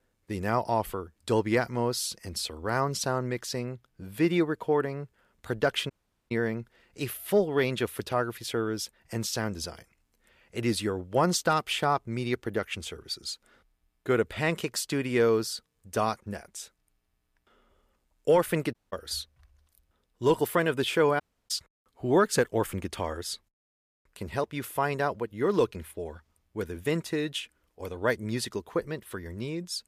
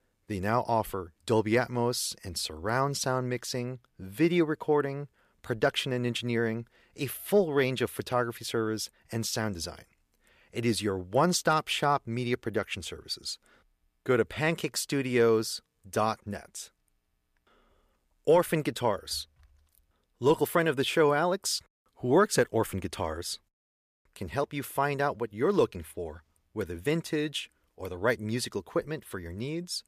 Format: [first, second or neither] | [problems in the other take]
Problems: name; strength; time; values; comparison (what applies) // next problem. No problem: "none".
second | audio cutting out; at 6 s, at 19 s and at 21 s